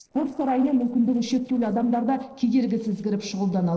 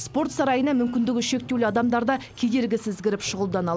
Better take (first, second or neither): second